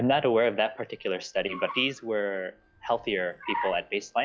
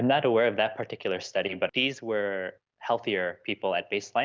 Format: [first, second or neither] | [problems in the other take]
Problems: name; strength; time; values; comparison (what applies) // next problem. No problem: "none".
second | noise reduction (classical method log-MMSE)